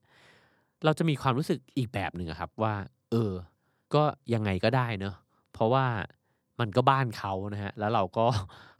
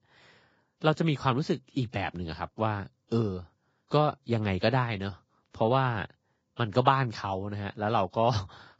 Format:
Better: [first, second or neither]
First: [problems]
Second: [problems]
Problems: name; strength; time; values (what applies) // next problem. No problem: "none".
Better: first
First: none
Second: garbled, watery; badly; nothing above 7.5 kHz